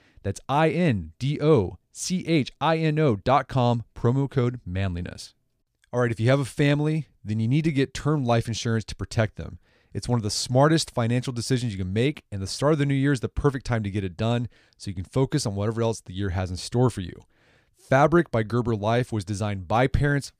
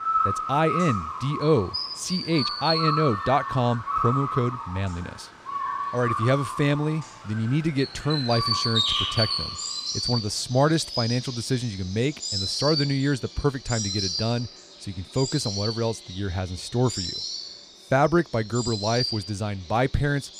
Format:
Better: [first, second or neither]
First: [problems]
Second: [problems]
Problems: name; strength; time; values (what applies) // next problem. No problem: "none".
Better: first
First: none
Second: animal sounds; loud; throughout; 2 dB below the speech